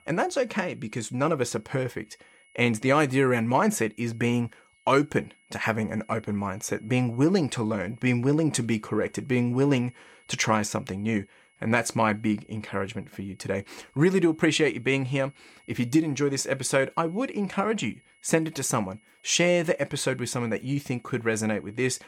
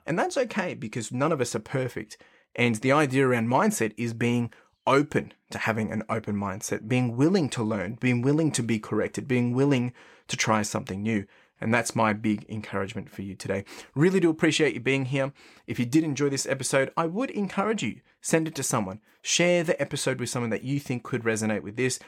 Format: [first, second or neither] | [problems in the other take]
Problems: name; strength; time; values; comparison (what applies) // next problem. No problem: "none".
second | high-pitched whine; faint; throughout; 2 kHz, 35 dB below the speech